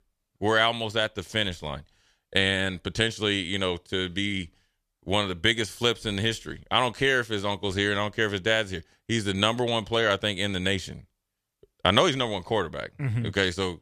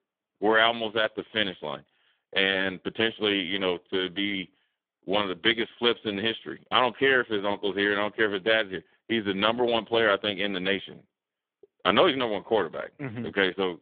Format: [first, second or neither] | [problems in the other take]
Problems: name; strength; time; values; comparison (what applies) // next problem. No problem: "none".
first | phone-call audio; poor line; nothing above 3.5 kHz